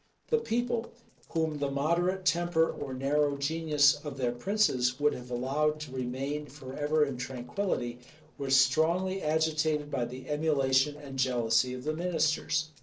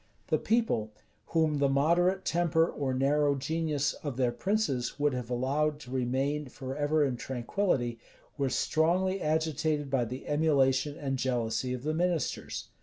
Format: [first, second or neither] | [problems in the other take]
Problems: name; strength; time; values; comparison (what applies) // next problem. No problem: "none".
second | noise reduction (neural separator model SepFormer DNS4)